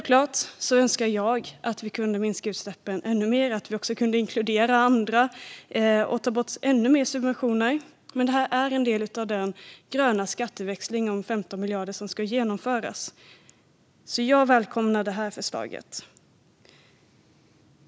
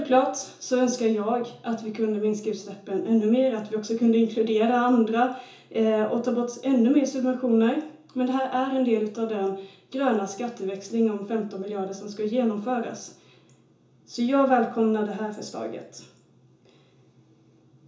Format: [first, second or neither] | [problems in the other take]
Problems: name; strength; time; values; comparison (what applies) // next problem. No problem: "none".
first | room echo; dies away in 0.7 s